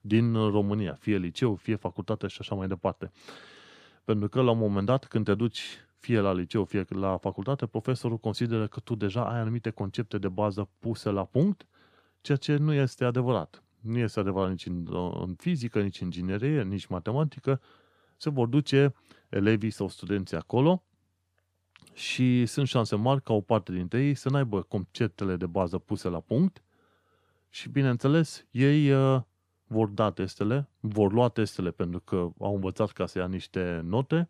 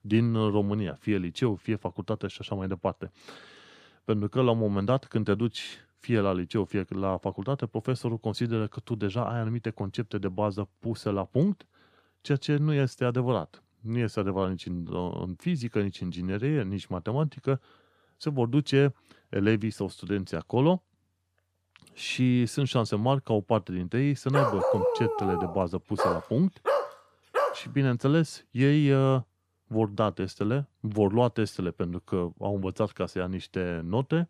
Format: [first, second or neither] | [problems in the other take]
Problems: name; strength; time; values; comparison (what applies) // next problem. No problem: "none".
first | dog barking; loud; from 24 to 28 s; peak 2 dB above the speech